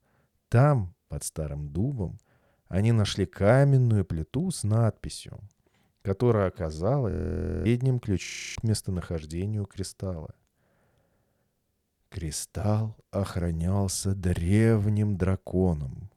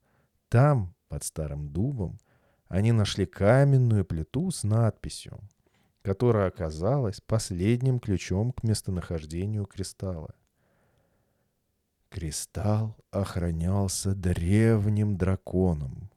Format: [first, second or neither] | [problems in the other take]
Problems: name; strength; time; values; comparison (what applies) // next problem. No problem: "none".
second | audio freezing; at 7 s for 0.5 s and at 8.5 s